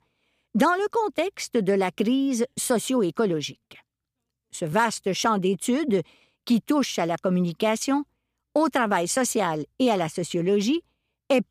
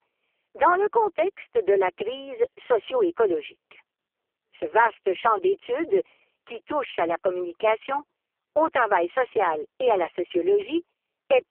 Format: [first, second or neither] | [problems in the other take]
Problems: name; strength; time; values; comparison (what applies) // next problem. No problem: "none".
first | phone-call audio; poor line; nothing above 3 kHz